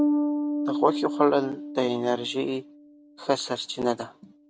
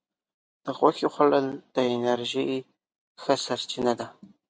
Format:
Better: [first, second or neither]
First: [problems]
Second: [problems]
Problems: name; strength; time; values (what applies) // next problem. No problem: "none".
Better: second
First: background sound (Bass guitar); 3 dB below the speech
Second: none